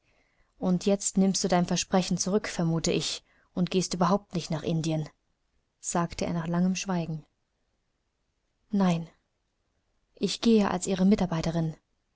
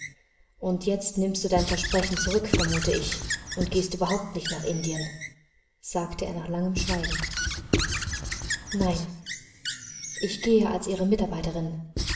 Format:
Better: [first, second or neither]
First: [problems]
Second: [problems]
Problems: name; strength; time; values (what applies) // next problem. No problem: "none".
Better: first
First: none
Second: background sound (Squeak / Writing); 4 dB below the speech // room echo; dies away in 0.8 s